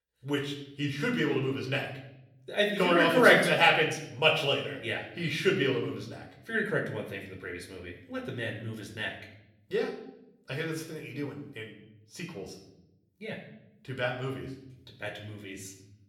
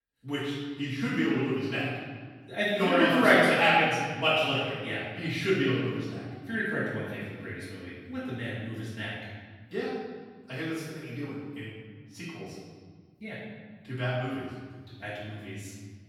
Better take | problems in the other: first | room echo; strong; dies away in 1.7 s; slight in the first // off-mic speech; far; somewhat distant in the first

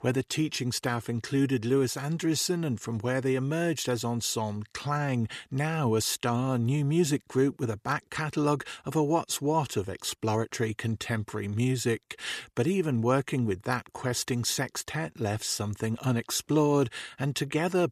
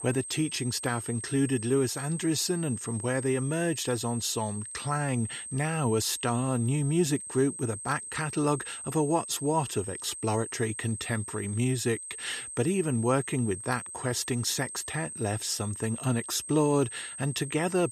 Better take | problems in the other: first | high-pitched whine; loud; throughout; 8.5 kHz, 8 dB below the speech

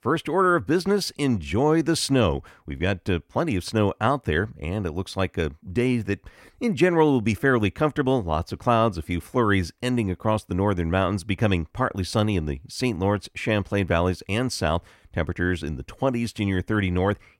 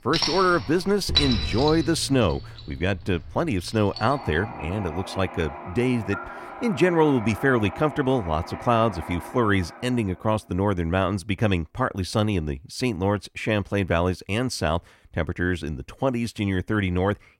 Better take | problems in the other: first | household noises; loud; until 9.5 s; 8 dB below the speech

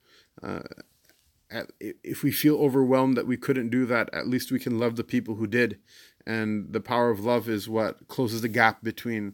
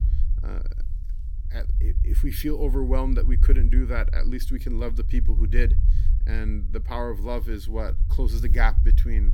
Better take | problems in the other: first | low rumble; noticeable; throughout; 15 dB below the speech

